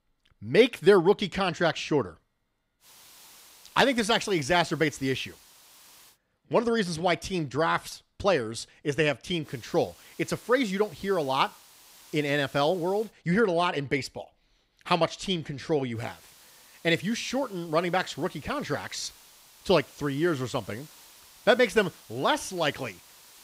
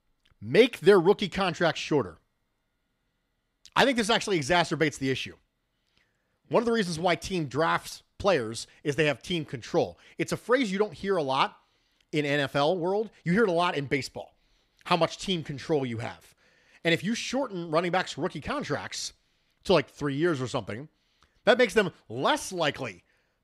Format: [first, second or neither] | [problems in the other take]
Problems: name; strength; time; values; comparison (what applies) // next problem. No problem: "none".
second | hiss; faint; from 3 to 6 s, from 9.5 to 13 s and from 16 s on; 25 dB below the speech